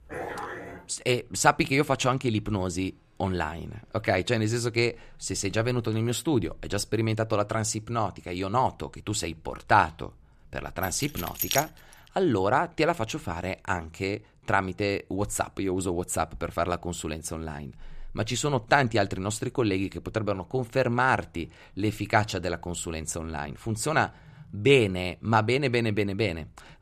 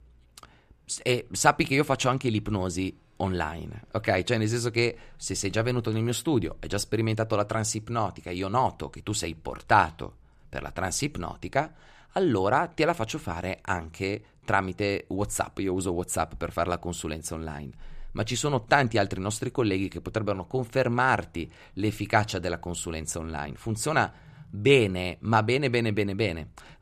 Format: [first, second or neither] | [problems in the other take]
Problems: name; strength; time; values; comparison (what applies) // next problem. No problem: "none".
second | dog barking; noticeable; at the start; peak 8 dB below the speech // jangling keys; noticeable; at 11 s; peak 1 dB below the speech